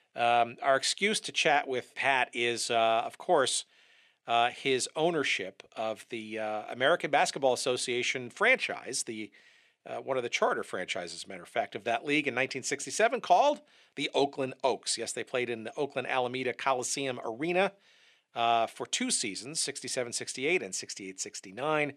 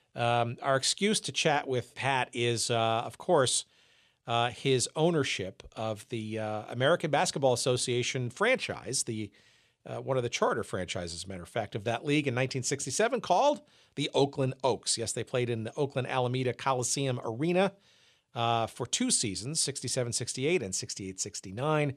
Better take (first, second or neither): second